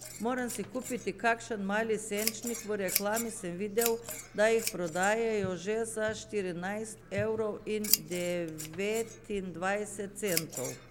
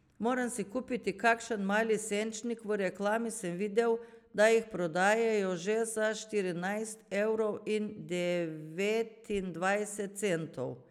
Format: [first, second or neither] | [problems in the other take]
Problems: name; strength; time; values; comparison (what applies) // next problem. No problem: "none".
second | background sound (Scissors); 7 dB below the speech